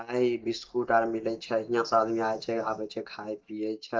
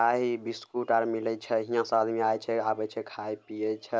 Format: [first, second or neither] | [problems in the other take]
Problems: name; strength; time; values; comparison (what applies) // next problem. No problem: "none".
second | noise reduction (neural mask model DeepFilterNet 3)